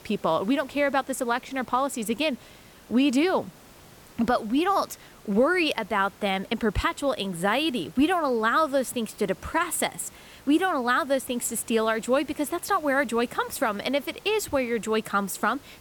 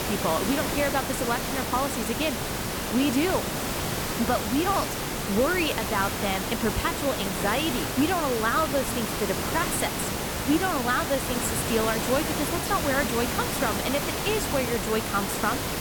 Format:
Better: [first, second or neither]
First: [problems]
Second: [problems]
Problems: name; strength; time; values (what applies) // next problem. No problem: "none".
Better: first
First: hiss; faint; throughout; 25 dB below the speech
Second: hiss; loud; throughout; 1 dB below the speech